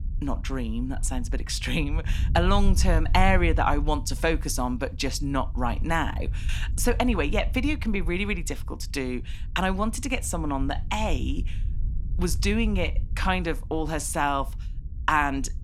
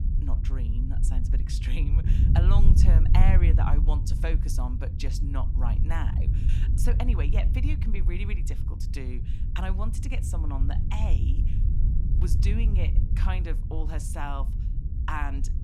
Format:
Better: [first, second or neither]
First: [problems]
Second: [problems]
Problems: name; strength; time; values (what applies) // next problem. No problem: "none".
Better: first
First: wind noise on the microphone; occasional gusts; 20 dB below the speech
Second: wind noise on the microphone; heavy; 5 dB below the speech